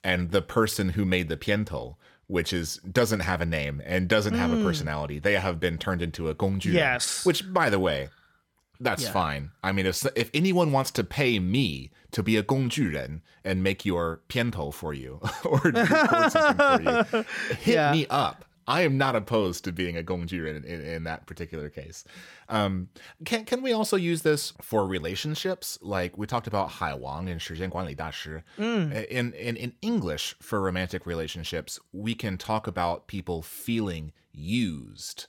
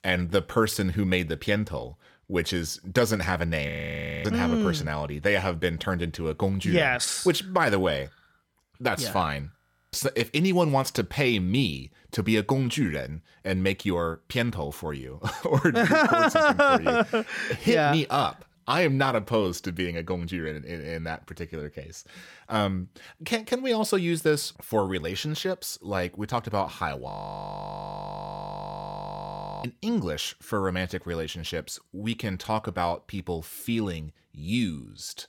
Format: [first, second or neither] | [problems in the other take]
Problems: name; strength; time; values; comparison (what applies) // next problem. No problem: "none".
first | audio freezing; at 3.5 s for 0.5 s, at 9.5 s and at 27 s for 2.5 s